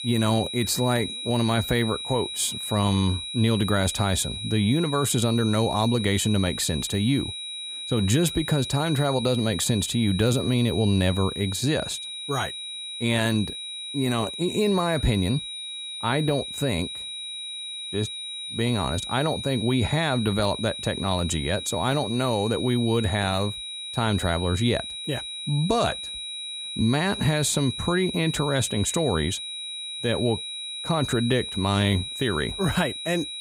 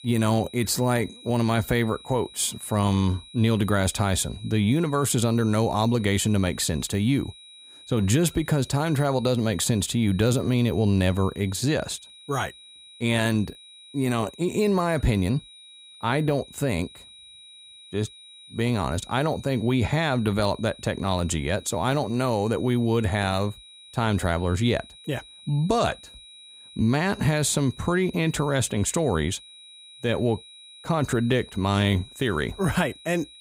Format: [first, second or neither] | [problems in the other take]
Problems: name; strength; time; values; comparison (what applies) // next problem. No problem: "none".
second | high-pitched whine; loud; throughout; 4 kHz, 7 dB below the speech; faint in the second